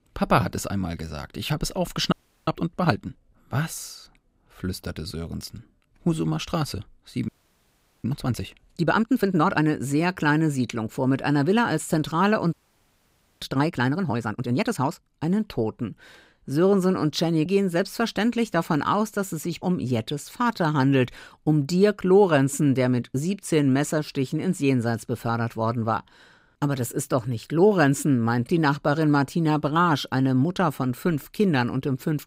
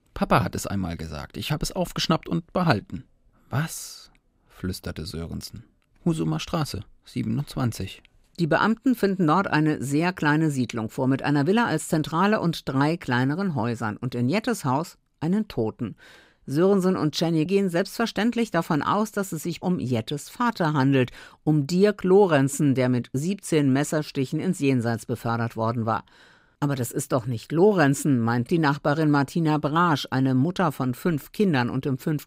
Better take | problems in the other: second | audio freezing; at 2 s, at 7.5 s for 0.5 s and at 13 s for 1 s

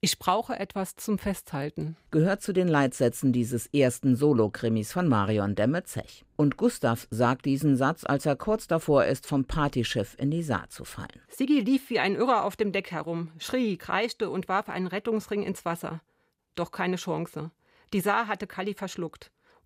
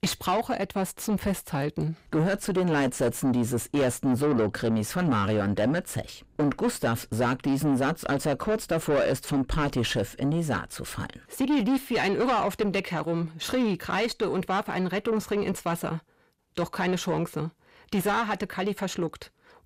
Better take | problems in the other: first | distortion; heavy; 7 dB below the speech

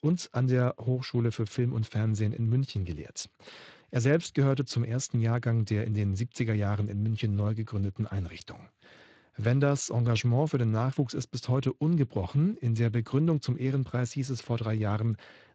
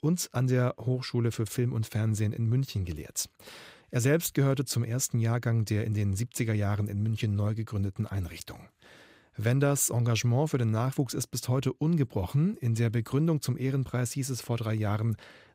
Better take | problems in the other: second | garbled, watery; slightly; nothing above 7.5 kHz

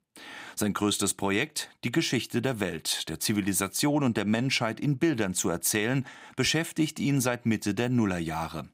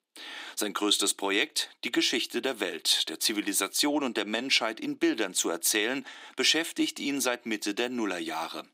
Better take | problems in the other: first | thin; very slightly; fading below 300 Hz

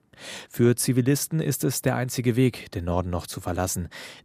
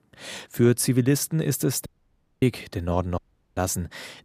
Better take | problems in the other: first | audio cutting out; at 2 s for 0.5 s and at 3 s

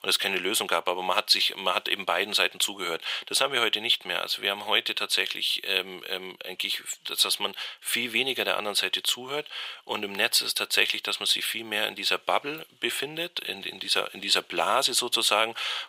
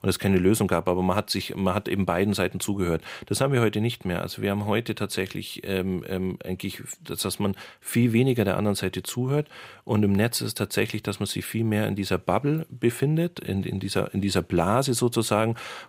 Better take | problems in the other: second | thin; very; fading below 700 Hz

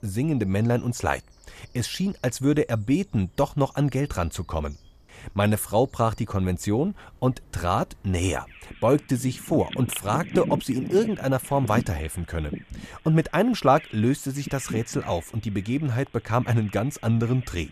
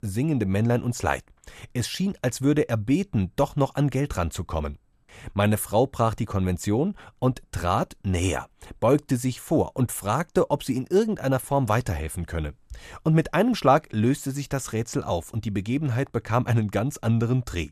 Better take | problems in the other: second | animal sounds; noticeable; throughout; 10 dB below the speech

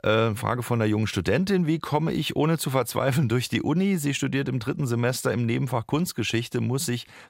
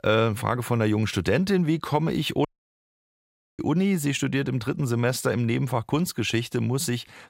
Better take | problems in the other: first | audio cutting out; at 2.5 s for 1 s

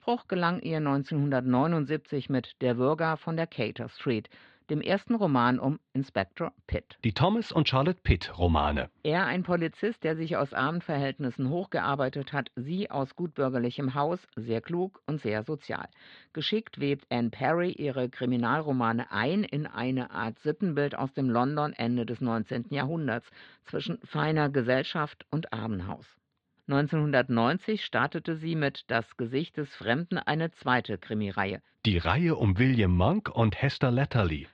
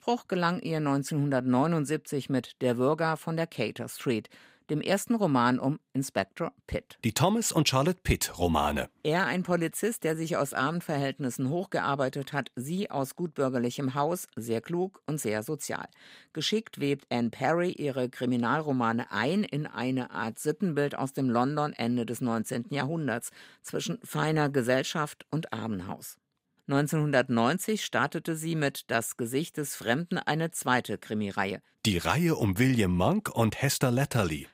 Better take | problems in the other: second | muffled; slightly; fading above 4 kHz

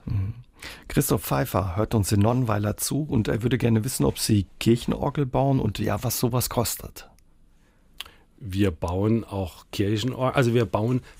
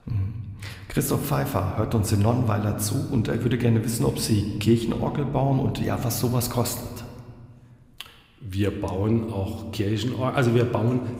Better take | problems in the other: first | room echo; slight; dies away in 1.5 s

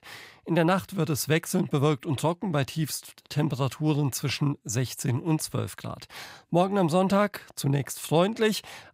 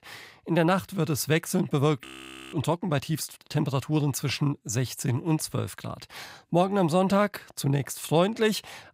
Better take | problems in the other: first | audio freezing; at 2 s

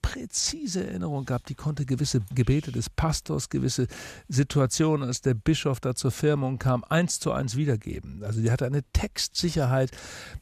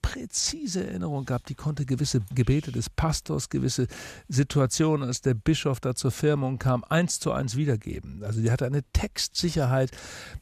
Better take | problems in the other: neither | none

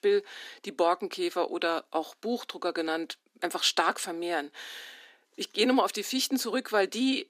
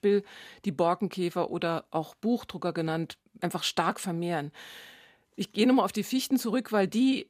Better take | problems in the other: second | thin; very slightly; fading below 250 Hz

